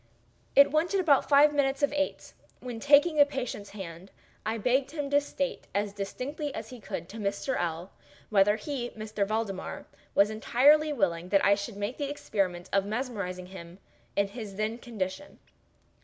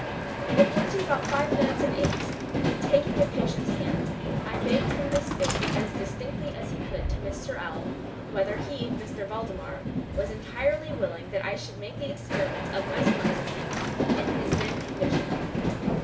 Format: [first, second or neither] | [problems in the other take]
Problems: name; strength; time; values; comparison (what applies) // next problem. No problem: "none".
first | background sound (Train); 3 dB above the speech // room echo; dies away in 0.4 s